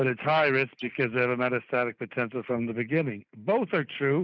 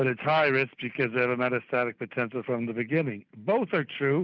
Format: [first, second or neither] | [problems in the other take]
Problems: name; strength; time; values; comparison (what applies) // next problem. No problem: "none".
second | noise reduction (neural mask model Resemble Enhance denoiser)